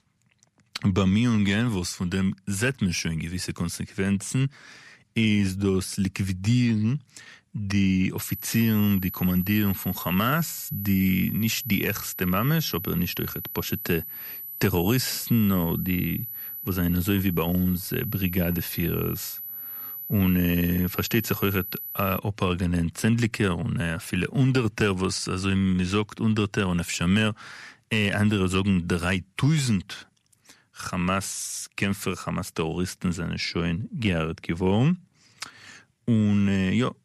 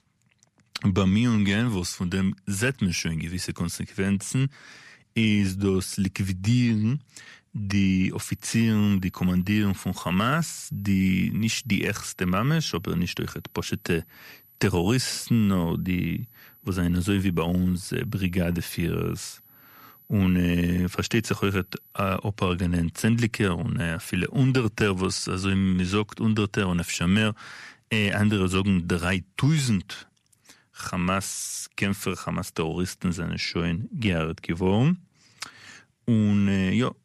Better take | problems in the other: second | high-pitched whine; loud; from 8 to 22 s; 12 kHz, 8 dB below the speech; faint in the second

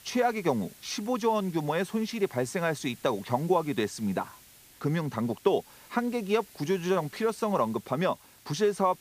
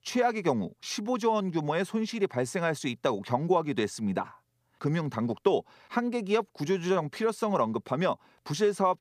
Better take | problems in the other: second | hiss; faint; throughout; 20 dB below the speech

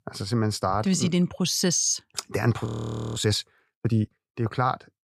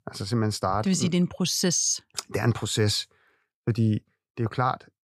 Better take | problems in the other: second | audio freezing; at 2.5 s for 0.5 s

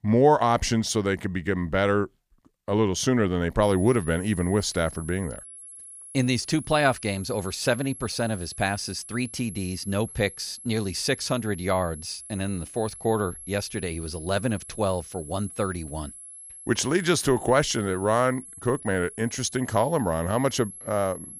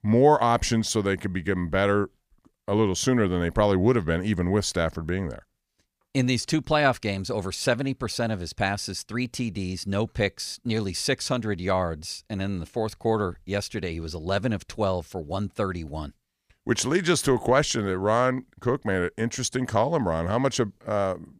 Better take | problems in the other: second | high-pitched whine; noticeable; from 3.5 s on; 11 kHz, 15 dB below the speech

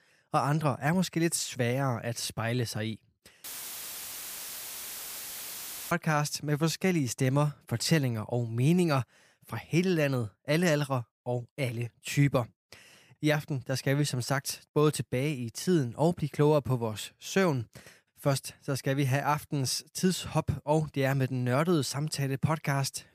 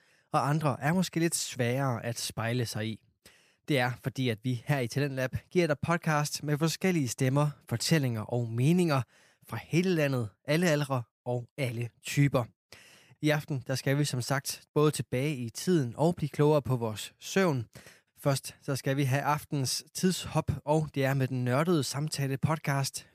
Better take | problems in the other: second | audio cutting out; filled with static; at 3.5 s for 2.5 s

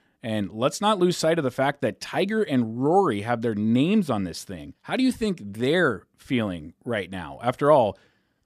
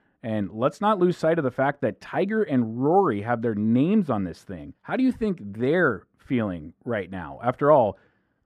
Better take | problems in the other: first | muffled; slightly; fading above 2.5 kHz

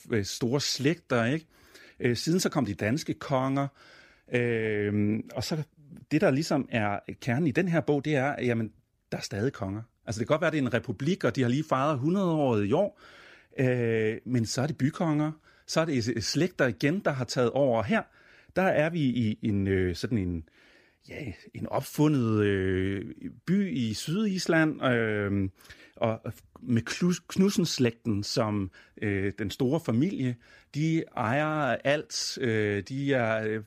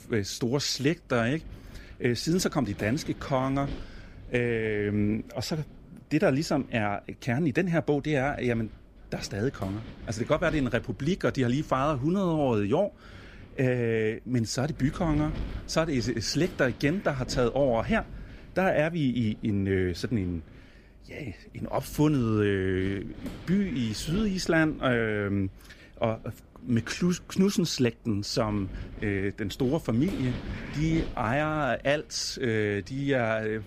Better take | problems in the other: first | wind noise on the microphone; occasional gusts; 20 dB below the speech

